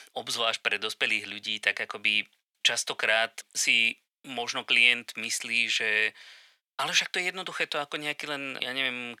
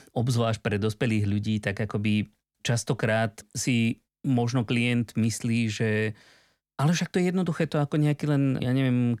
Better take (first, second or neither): second